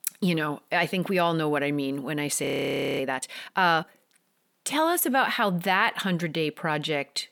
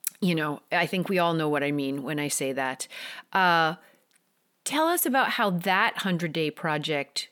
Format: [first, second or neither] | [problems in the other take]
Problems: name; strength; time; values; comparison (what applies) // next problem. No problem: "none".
second | audio freezing; at 2.5 s for 0.5 s